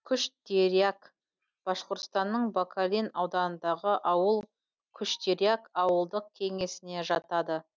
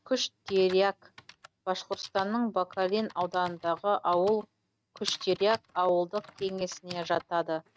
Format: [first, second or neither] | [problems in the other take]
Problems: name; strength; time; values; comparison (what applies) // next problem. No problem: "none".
first | noise reduction (neural mask model RNNoise)